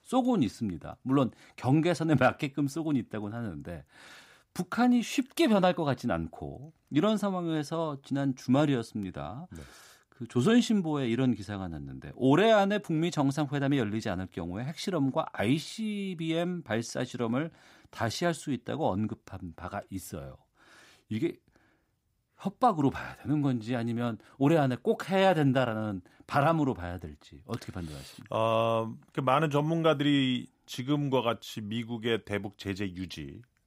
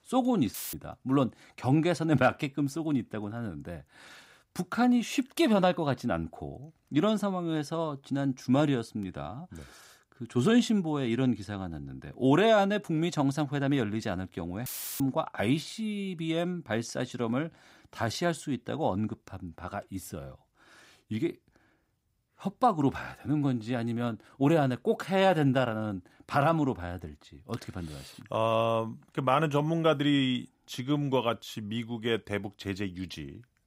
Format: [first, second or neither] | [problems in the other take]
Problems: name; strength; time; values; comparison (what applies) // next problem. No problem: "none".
first | audio cutting out; filled with static; at 0.5 s and at 15 s